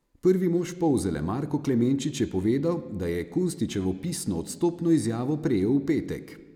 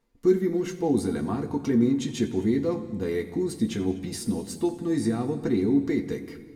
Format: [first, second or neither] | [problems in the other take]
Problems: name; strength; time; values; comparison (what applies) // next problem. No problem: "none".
first | room echo; dies away in 1.3 s